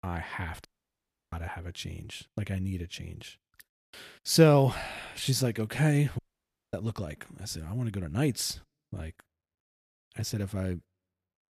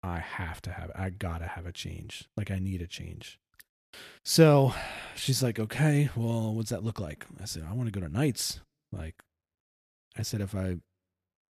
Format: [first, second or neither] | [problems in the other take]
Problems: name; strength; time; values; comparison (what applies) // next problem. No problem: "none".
second | audio cutting out; at 0.5 s for 0.5 s and at 6 s for 0.5 s